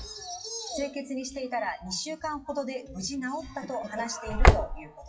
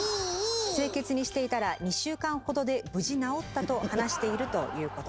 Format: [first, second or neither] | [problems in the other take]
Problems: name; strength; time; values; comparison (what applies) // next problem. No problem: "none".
second | noise reduction (classical method WPE with log-MMSE)